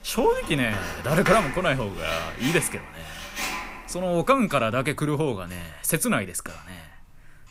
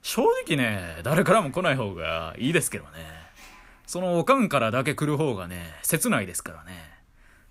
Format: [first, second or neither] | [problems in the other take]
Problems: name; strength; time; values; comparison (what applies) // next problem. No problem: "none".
second | household noises; loud; throughout; 8 dB below the speech; faint in the second